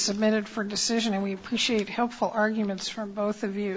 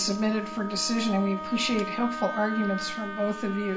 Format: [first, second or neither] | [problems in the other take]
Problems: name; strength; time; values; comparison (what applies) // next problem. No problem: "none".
first | background sound (Wind instrument, woodwind instrument); 8 dB below the speech // room echo; dies away in 0.4 s